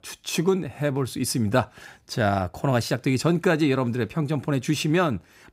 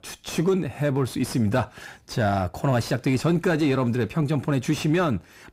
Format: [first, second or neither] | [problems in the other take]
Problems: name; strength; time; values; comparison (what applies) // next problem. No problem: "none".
first | distortion; slight; 10 dB below the speech